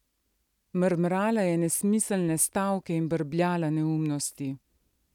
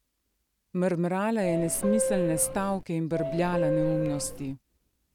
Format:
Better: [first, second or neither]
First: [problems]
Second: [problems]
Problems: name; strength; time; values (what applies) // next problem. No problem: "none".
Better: first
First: none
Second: background sound (Subway, metro, underground / Doorbell); 2 dB below the speech